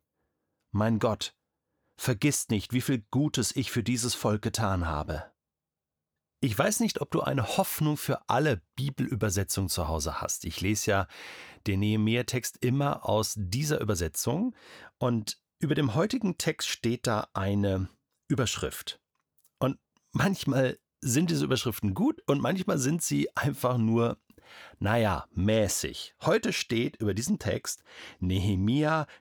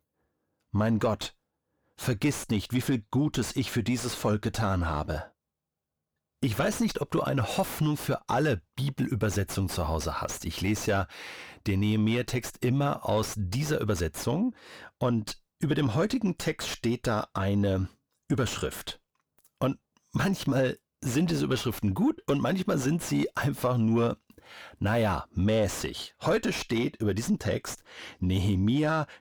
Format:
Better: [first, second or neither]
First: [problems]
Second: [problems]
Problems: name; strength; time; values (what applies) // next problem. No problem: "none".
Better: first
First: none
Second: distortion; slight; 10 dB below the speech